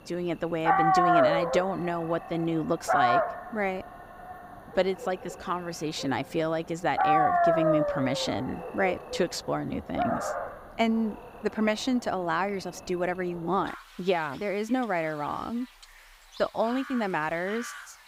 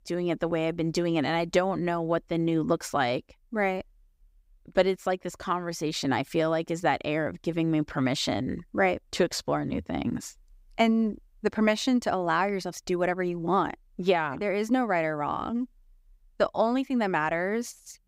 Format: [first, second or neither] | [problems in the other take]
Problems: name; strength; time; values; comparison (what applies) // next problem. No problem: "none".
second | animal sounds; very loud; throughout; 2 dB above the speech